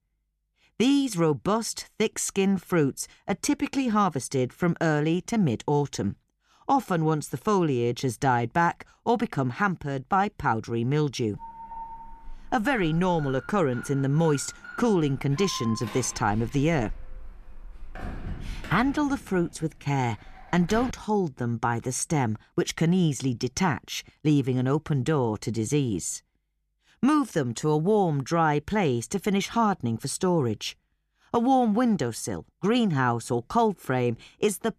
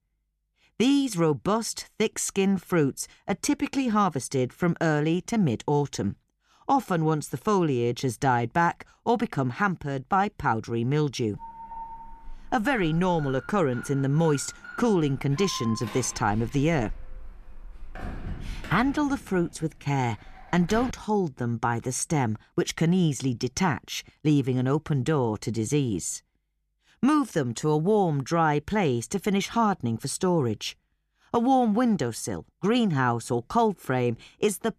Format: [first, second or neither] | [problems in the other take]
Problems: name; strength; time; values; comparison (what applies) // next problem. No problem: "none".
neither | alarm; faint; from 11 to 21 s; peak 10 dB below the speech; the same in both